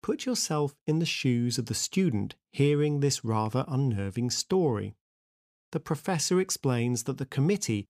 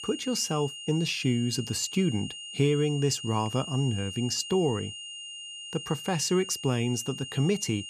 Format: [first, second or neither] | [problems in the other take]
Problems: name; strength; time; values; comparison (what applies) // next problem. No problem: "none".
first | high-pitched whine; loud; throughout; 3 kHz, 10 dB below the speech